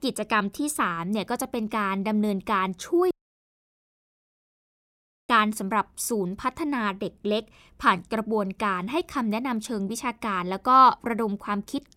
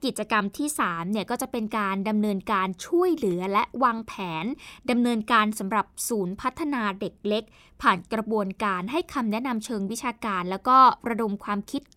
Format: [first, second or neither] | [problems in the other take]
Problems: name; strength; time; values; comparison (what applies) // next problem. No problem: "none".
second | audio cutting out; at 3 s for 2 s